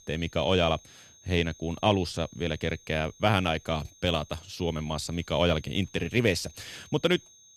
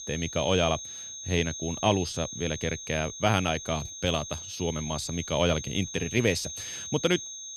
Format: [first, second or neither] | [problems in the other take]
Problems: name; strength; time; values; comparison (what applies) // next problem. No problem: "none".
first | high-pitched whine; loud; throughout; 6.5 kHz, 8 dB below the speech; faint in the first